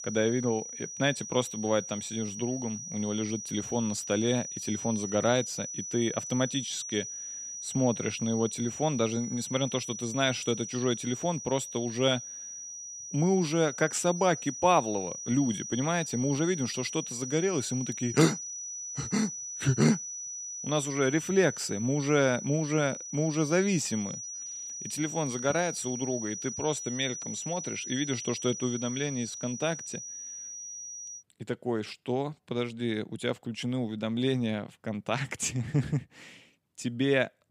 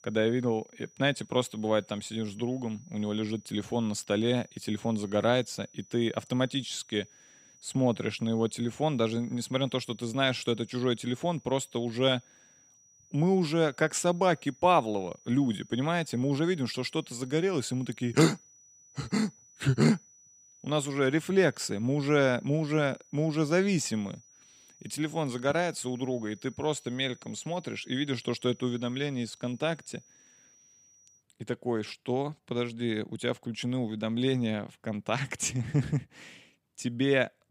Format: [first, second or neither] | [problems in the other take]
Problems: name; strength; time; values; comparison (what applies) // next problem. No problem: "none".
second | high-pitched whine; loud; until 31 s; 6 kHz, 7 dB below the speech; faint in the second